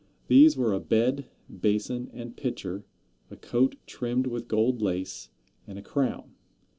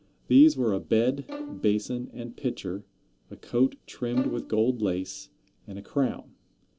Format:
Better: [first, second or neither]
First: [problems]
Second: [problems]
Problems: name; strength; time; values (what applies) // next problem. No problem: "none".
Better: first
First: none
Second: background sound (Bowed string instrument); 16 dB below the speech